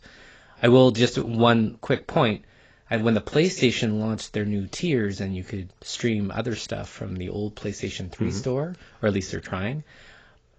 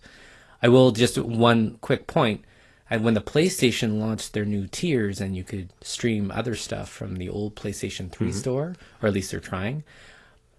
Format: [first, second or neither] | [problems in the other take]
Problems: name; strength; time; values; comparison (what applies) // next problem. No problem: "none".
second | garbled, watery; badly; nothing above 7.5 kHz; slightly in the second